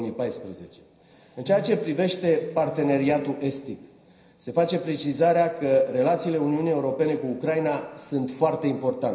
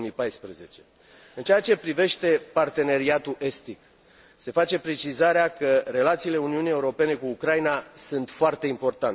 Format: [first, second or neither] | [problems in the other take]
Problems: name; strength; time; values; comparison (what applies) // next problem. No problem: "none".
second | background sound (Electric guitar); 17 dB below the speech // room echo; dies away in 0.9 s